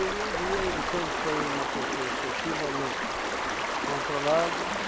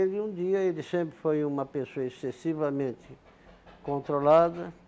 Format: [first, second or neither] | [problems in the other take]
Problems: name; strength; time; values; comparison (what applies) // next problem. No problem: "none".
second | background sound (Stream); 3 dB above the speech